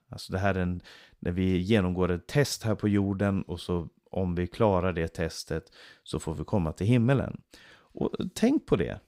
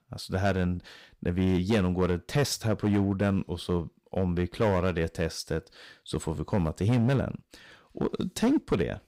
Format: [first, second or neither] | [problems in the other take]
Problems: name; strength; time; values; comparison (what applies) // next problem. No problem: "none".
first | distortion; slight; 5% of the sound clipped